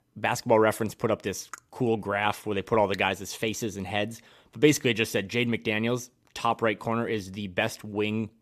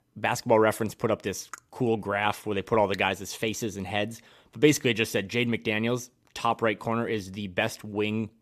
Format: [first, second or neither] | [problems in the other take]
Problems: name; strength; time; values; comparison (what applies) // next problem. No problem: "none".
neither | none